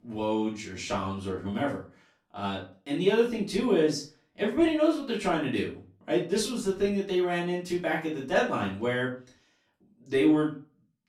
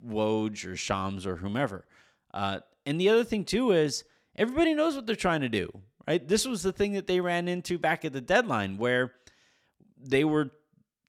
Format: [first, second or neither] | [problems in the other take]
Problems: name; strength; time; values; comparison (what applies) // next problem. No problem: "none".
second | room echo; slight; dies away in 0.3 s // off-mic speech; far